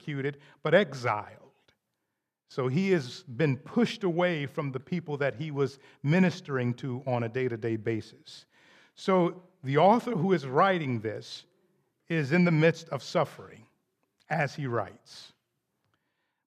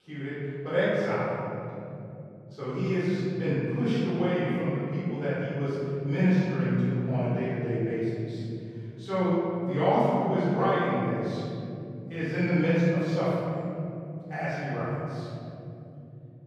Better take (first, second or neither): first